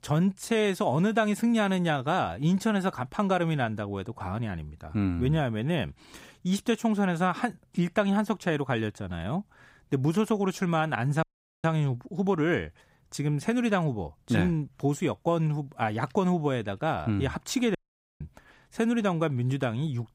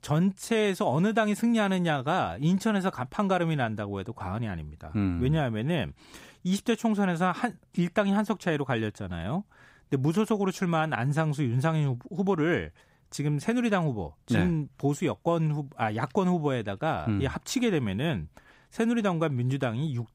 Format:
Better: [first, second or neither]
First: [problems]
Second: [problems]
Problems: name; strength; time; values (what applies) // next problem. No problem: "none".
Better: second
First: audio cutting out; at 11 s and at 18 s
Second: none